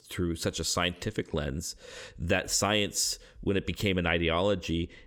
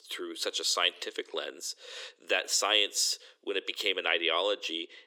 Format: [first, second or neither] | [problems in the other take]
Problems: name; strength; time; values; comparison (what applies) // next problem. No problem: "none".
first | thin; very; fading below 350 Hz